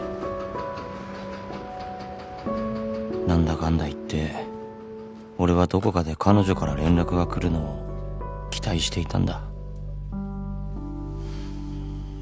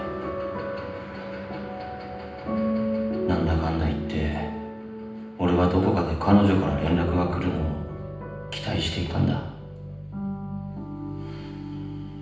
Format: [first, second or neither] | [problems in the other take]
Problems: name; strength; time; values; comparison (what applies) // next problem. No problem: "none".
first | room echo; dies away in 0.9 s